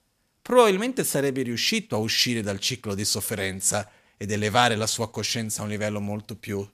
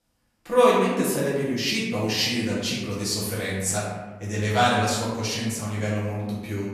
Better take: first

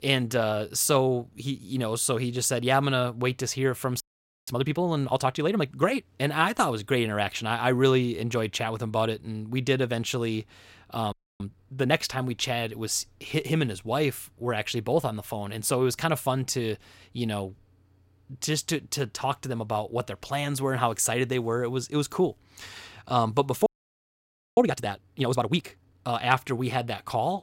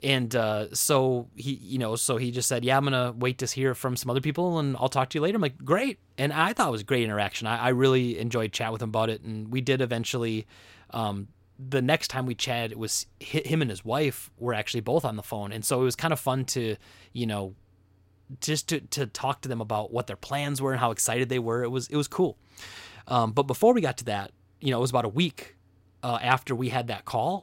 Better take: second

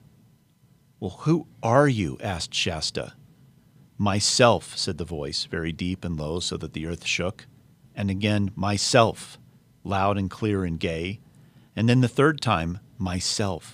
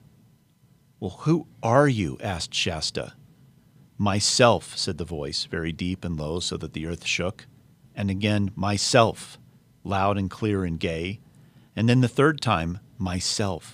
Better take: neither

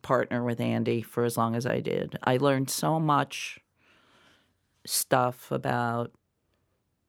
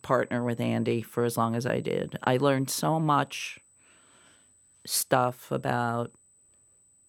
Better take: first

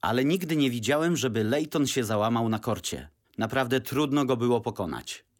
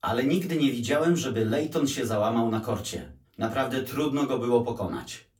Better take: first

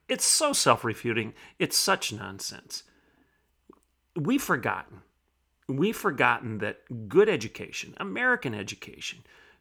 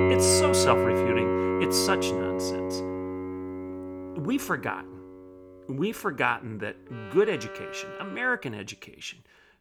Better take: first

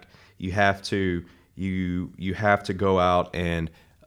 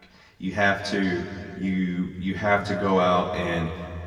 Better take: first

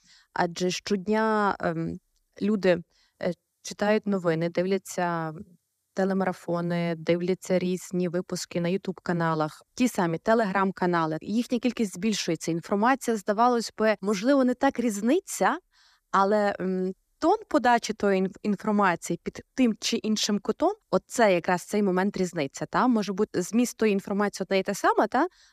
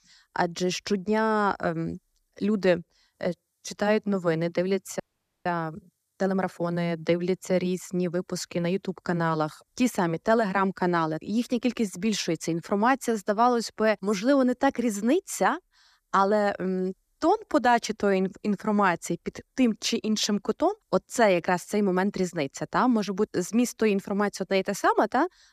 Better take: first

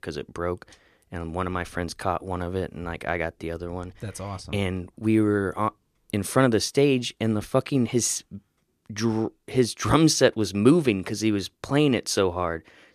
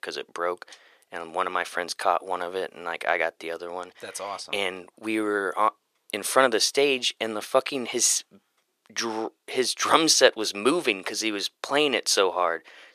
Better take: first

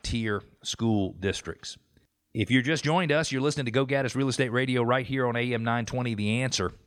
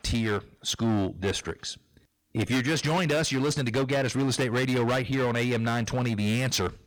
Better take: first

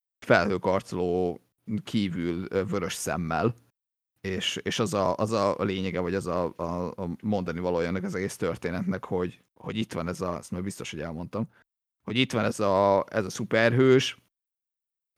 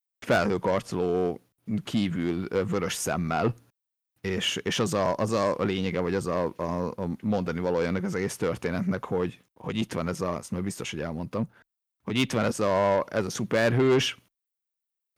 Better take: first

